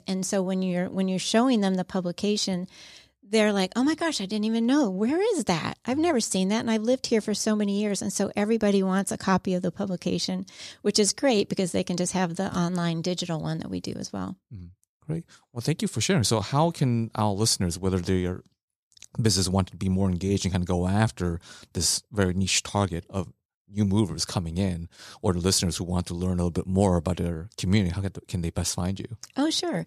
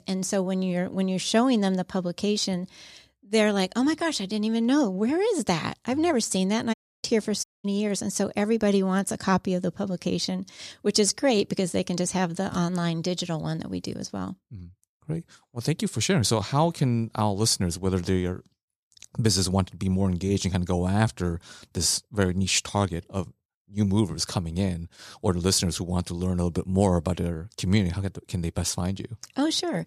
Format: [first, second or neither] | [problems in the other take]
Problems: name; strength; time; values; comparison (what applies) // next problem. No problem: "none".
first | audio cutting out; at 6.5 s and at 7.5 s